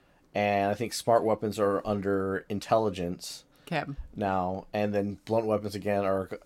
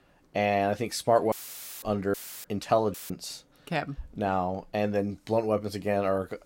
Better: first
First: none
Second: audio cutting out; filled with static; at 1.5 s for 0.5 s, at 2 s and at 3 s

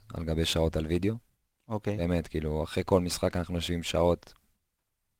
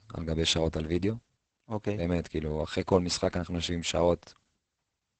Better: first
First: garbled, watery; slightly; nothing above 16 kHz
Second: garbled, watery; badly; nothing above 8 kHz

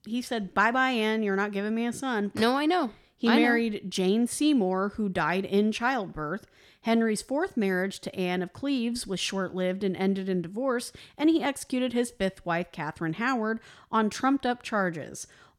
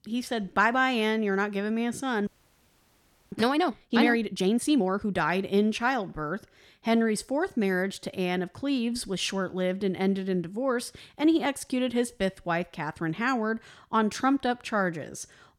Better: first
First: none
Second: audio freezing; at 2.5 s for 1 s

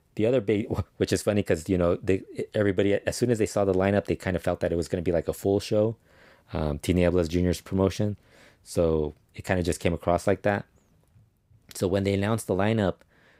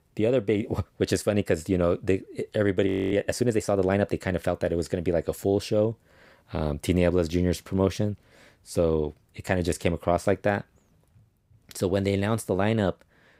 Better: first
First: none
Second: audio freezing; at 3 s

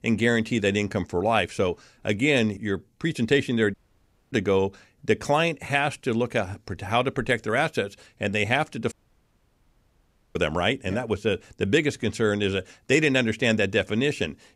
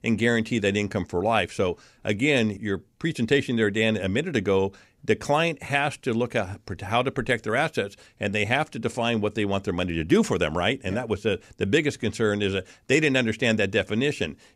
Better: second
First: audio cutting out; at 3.5 s for 0.5 s and at 9 s for 1.5 s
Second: none

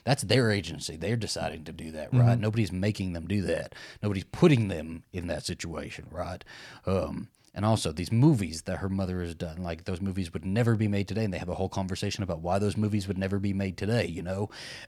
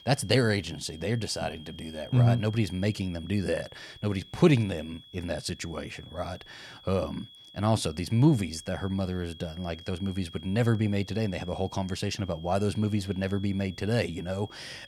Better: first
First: none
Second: high-pitched whine; noticeable; throughout; 3 kHz, 20 dB below the speech

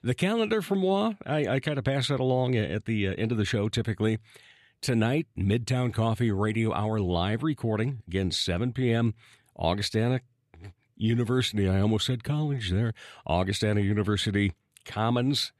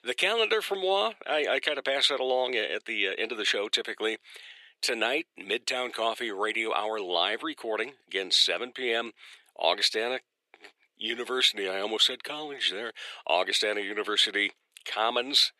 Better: first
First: none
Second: thin; very; fading below 400 Hz

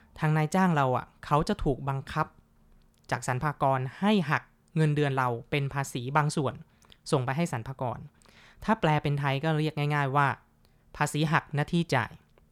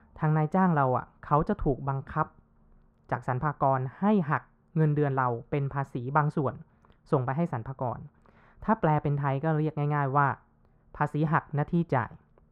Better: first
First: none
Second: muffled; very; fading above 2 kHz

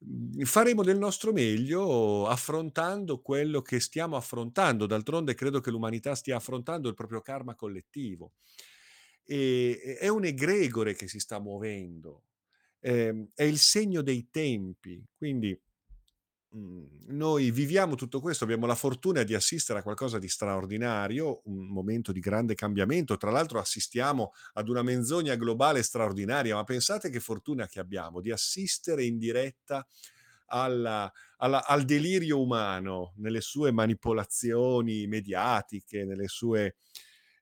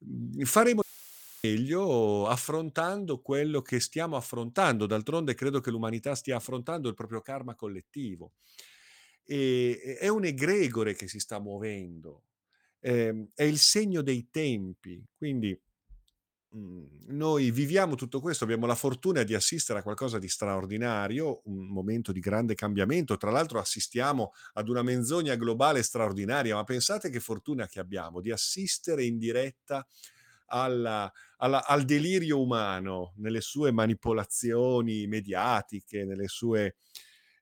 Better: first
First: none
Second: audio cutting out; filled with static; at 1 s for 0.5 s

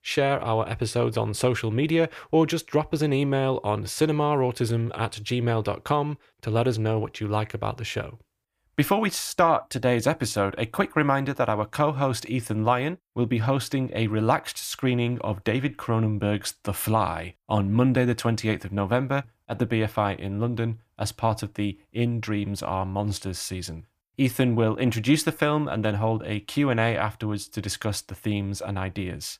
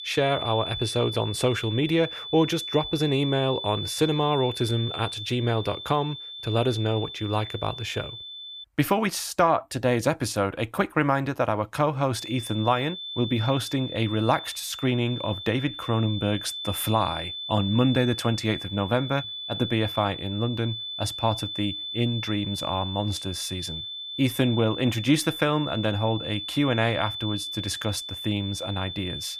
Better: first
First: none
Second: high-pitched whine; loud; until 8.5 s and from 12 s on; 3.5 kHz, 7 dB below the speech

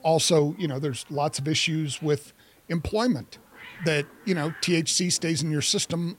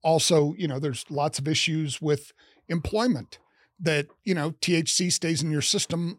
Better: second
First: hiss; faint; throughout; 25 dB below the speech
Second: none

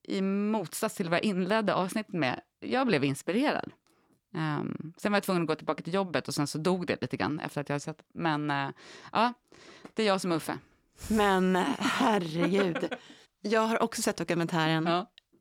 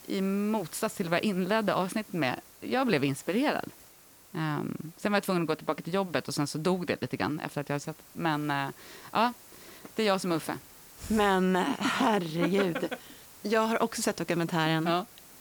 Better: first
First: none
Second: hiss; faint; throughout; 20 dB below the speech

